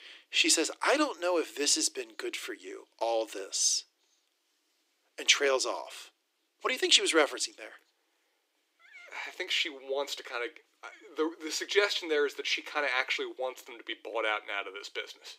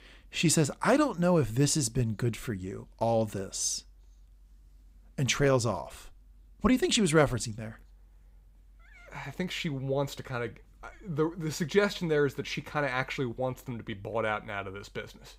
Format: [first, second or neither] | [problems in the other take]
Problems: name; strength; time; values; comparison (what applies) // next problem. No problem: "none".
second | thin; very; fading below 300 Hz